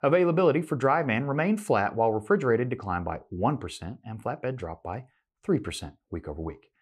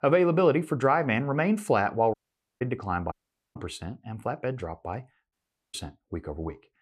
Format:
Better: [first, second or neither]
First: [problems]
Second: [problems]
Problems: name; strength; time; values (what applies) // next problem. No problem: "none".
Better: first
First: none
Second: audio cutting out; at 2 s, at 3 s and at 5.5 s